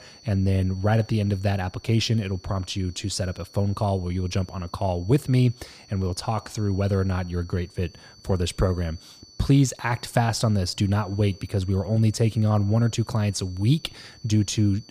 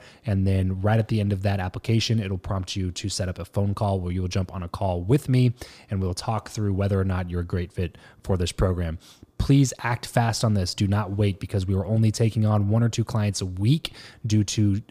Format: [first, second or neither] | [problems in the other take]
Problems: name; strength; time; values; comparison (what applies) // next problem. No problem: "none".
second | high-pitched whine; faint; throughout; 4.5 kHz, 25 dB below the speech